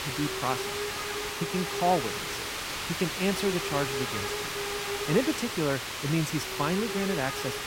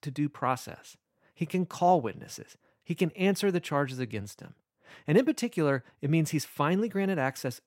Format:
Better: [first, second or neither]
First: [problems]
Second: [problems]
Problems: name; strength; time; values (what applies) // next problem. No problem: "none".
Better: second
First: hiss; loud; throughout; 1 dB below the speech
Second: none